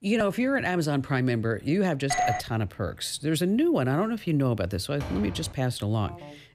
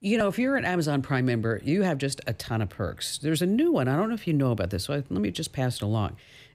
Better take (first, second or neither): second